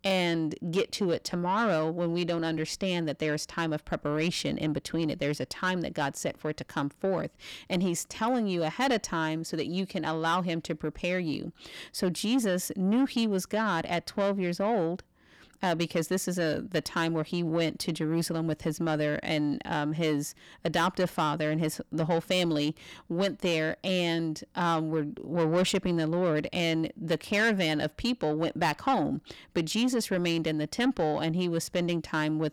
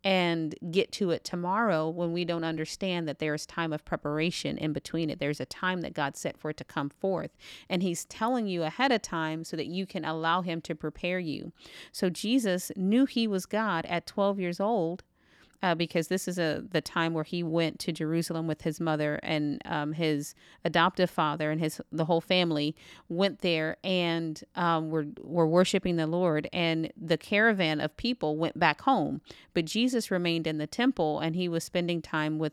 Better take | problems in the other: second | distortion; slight; 10 dB below the speech

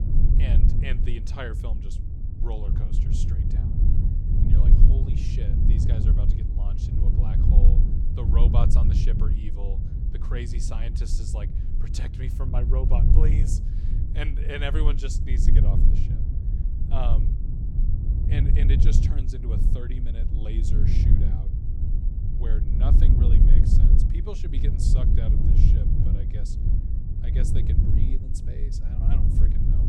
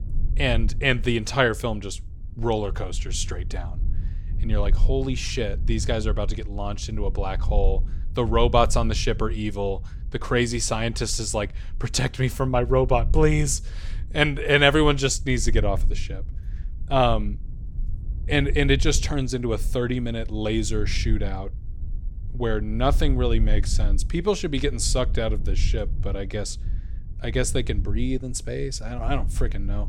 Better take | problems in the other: second | low rumble; loud; throughout; as loud as the speech; faint in the second

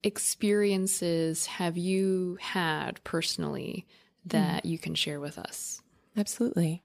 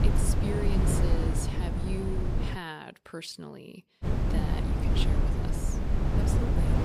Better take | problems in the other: first | wind noise on the microphone; heavy; until 2.5 s and from 4 s on; 2 dB above the speech

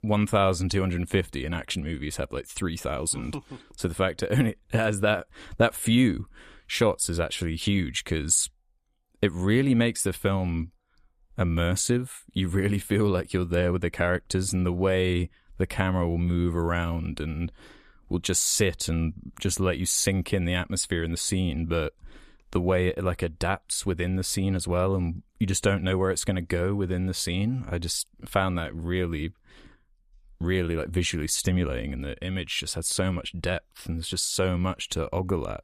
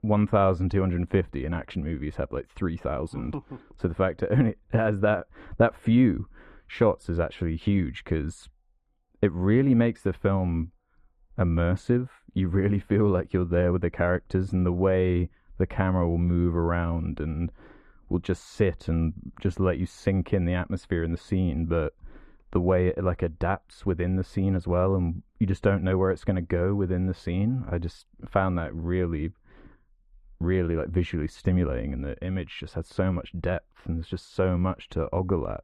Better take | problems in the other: first | muffled; very; fading above 3.5 kHz

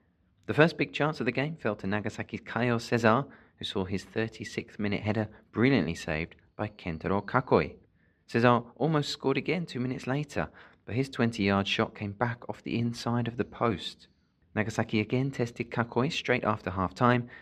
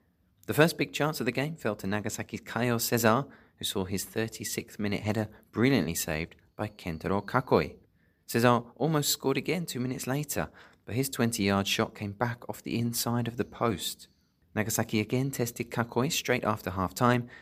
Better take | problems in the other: second | muffled; slightly; fading above 3 kHz

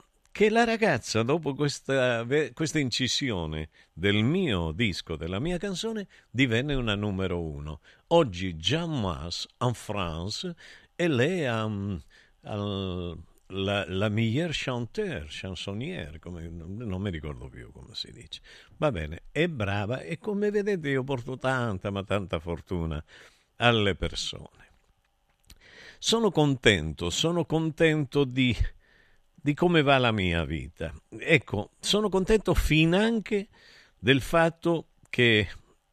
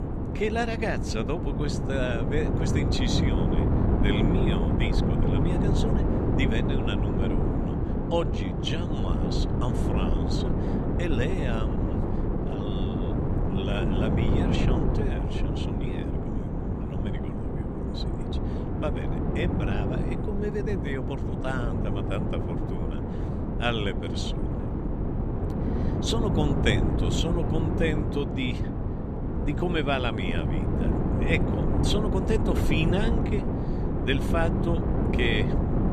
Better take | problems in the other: first | wind noise on the microphone; heavy; 1 dB below the speech

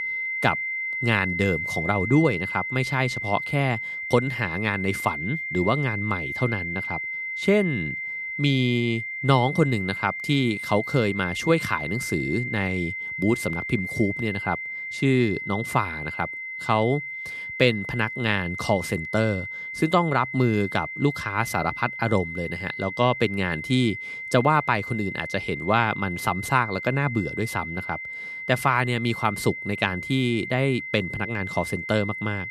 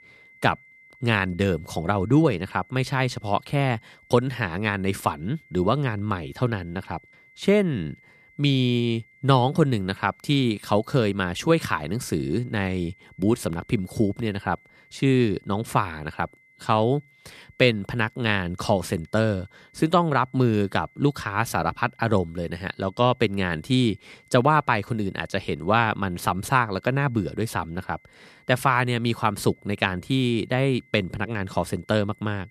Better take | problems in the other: second | high-pitched whine; loud; throughout; 2 kHz, 5 dB below the speech; faint in the second

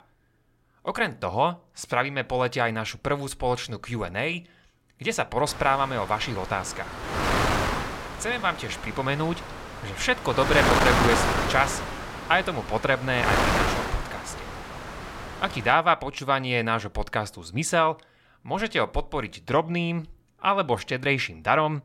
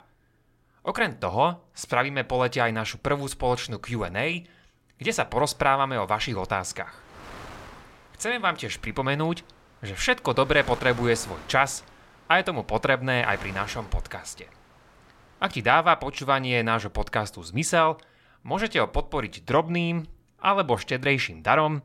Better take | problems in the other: second | wind noise on the microphone; heavy; from 5.5 to 16 s; 1 dB below the speech; occasional gusts in the second

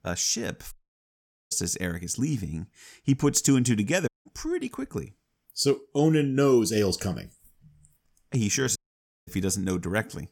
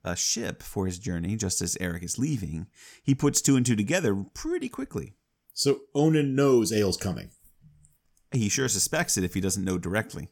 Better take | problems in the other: second | audio cutting out; at 0.5 s for 1 s, at 4 s and at 9 s for 0.5 s

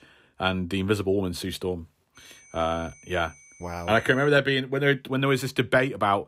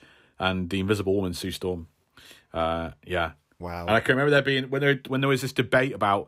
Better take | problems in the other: second | high-pitched whine; faint; from 2 to 4.5 s; 6 kHz, 25 dB below the speech

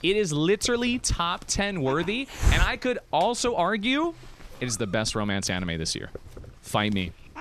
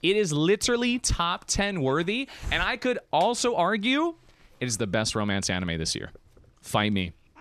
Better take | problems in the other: second | hiss; loud; throughout; 8 dB below the speech; faint in the second

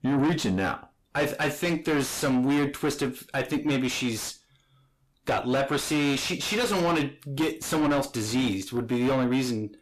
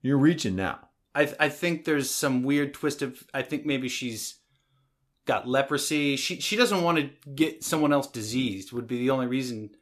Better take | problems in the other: second | distortion; heavy; 5 dB below the speech

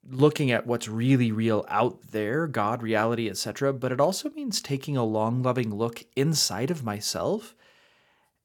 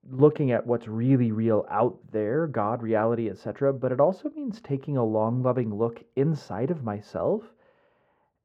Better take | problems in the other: first | muffled; very; fading above 3 kHz

